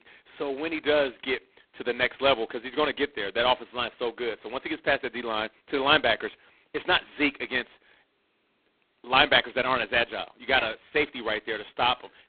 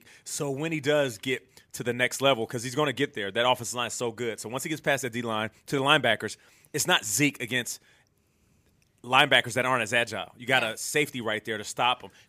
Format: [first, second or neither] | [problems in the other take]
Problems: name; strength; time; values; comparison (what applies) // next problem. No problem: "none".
second | phone-call audio; poor line